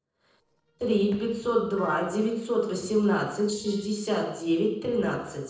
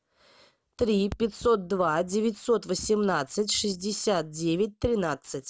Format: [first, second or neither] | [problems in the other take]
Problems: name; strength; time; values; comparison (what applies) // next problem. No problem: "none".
second | noise reduction (neural separator model SepFormer DNS4)